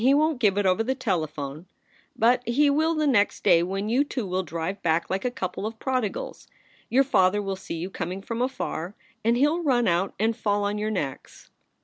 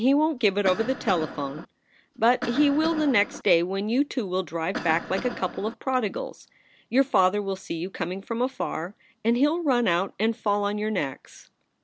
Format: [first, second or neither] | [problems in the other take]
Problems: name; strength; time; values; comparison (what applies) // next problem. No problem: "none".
first | background sound (Cough); 10 dB below the speech